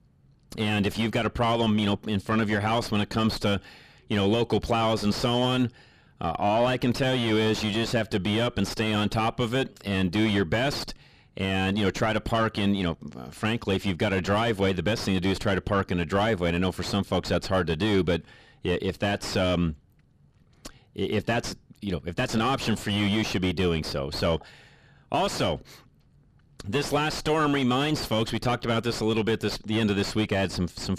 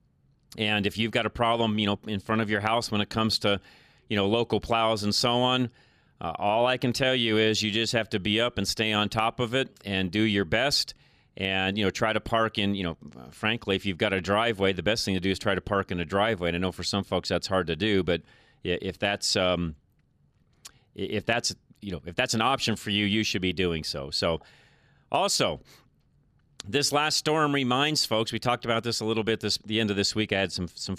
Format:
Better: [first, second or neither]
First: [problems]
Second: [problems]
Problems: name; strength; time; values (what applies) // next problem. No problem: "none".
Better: second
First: distortion; heavy; 4 dB below the speech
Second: none